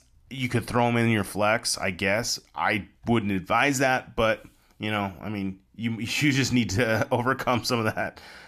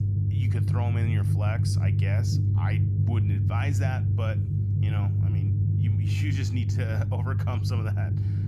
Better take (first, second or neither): first